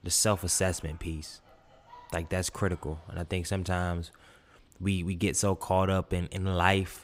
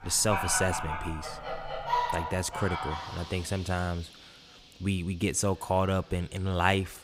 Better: first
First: animal sounds; faint; throughout; 25 dB below the speech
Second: animal sounds; loud; throughout; 4 dB below the speech

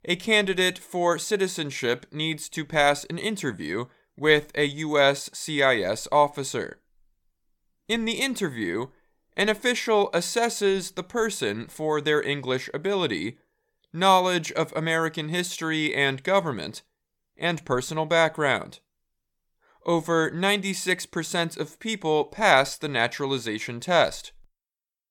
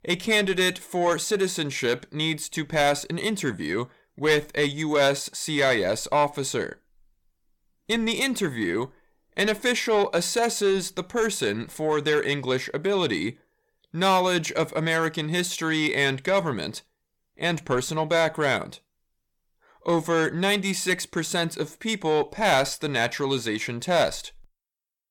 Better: first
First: none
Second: distortion; slight; 10 dB below the speech

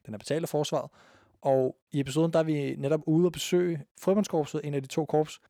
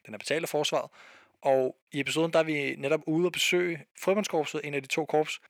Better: first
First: none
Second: thin; very slightly; fading below 950 Hz

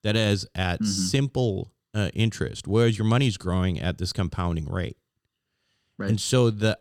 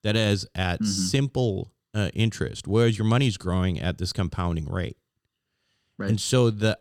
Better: neither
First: none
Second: none

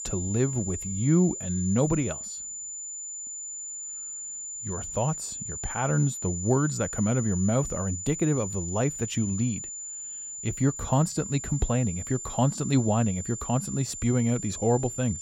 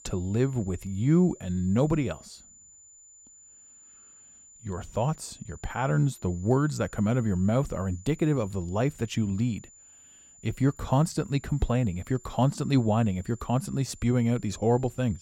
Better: second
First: high-pitched whine; loud; throughout; 7 kHz, 7 dB below the speech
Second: high-pitched whine; faint; throughout; 7 kHz, 25 dB below the speech

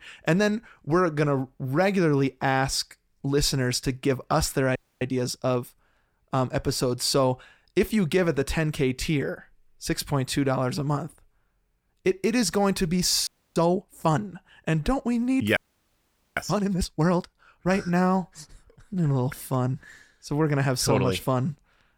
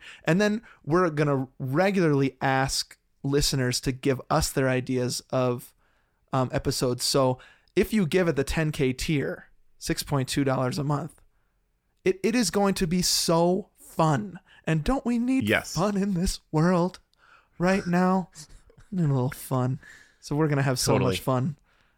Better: second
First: audio freezing; at 5 s, at 13 s and at 16 s for 1 s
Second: none

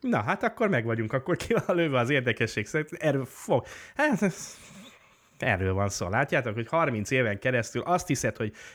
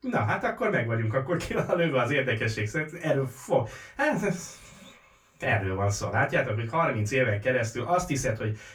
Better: first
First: none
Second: off-mic speech; far // room echo; very slight; dies away in 0.2 s

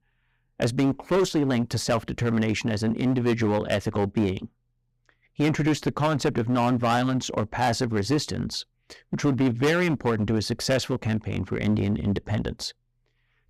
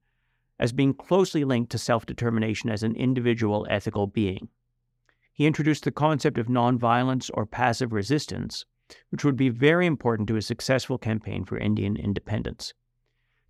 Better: second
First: distortion; heavy; 9% of the sound clipped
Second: none

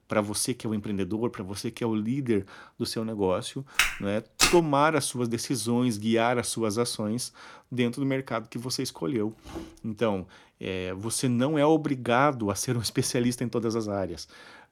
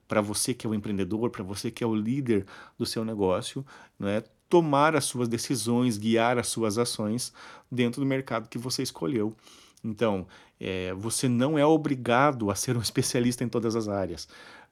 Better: second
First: footsteps; loud; at 4 s; peak 4 dB above the speech // footsteps; faint; at 9.5 s; peak 15 dB below the speech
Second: none

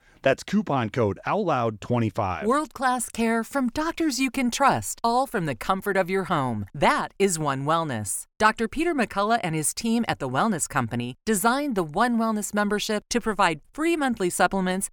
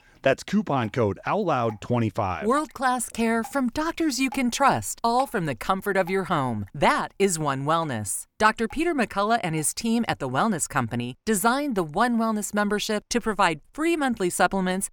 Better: first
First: none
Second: rain or running water; faint; throughout; 20 dB below the speech

